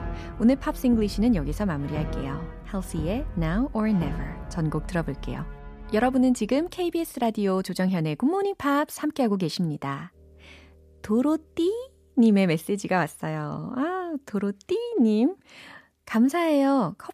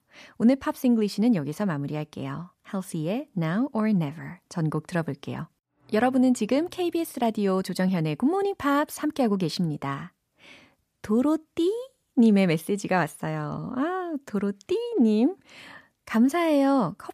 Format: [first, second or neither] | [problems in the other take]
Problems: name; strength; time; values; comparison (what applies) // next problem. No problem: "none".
second | background music; noticeable; throughout; 10 dB below the speech